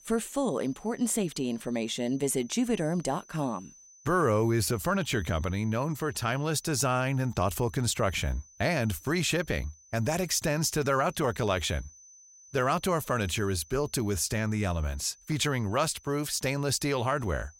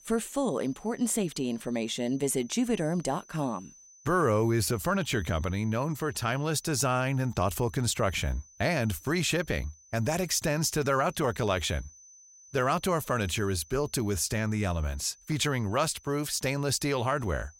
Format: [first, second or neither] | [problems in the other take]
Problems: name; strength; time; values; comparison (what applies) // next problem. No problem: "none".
neither | high-pitched whine; faint; throughout; 6 kHz, 25 dB below the speech; the same in both